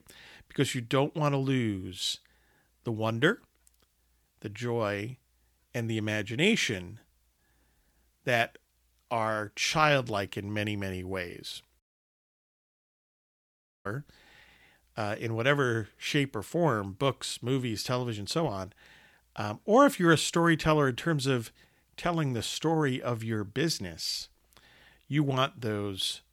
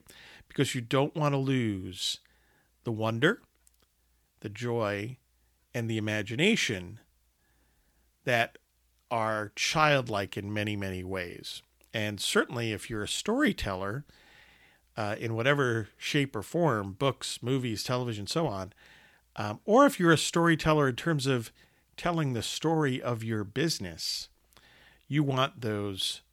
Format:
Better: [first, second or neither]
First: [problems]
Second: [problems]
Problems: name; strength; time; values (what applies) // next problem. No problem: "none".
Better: second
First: audio cutting out; at 12 s for 2 s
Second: none